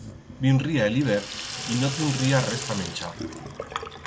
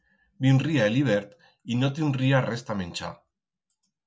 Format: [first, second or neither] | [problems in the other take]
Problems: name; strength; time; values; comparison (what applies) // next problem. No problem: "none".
second | background sound (Sink (filling or washing)); 9 dB below the speech